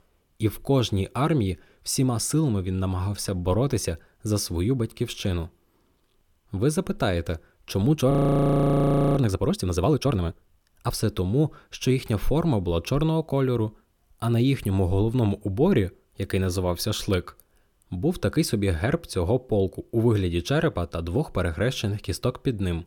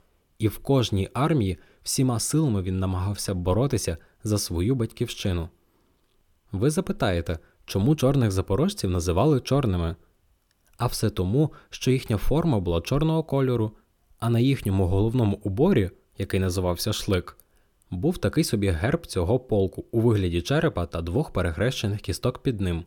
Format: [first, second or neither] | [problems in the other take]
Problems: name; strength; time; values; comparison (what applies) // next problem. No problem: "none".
second | audio freezing; at 8 s for 1 s